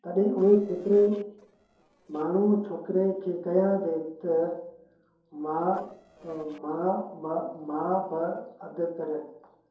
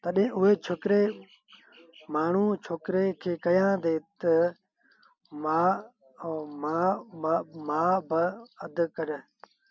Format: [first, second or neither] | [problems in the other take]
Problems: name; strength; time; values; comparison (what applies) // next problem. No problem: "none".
second | noise reduction (neural separator model SepFormer DNS4)